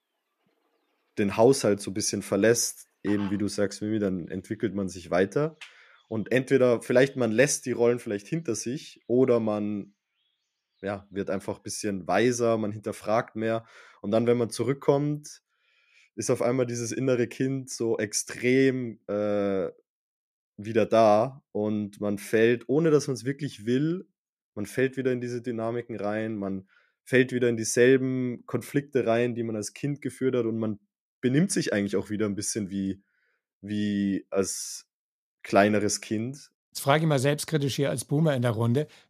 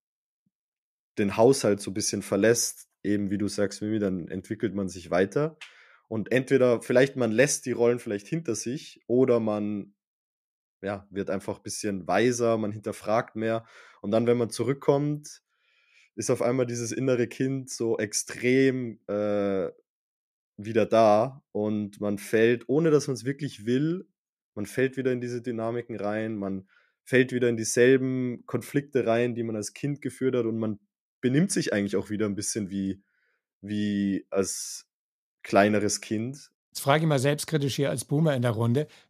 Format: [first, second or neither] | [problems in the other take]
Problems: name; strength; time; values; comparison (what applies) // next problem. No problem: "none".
second | animal sounds; faint; until 12 s; 25 dB below the speech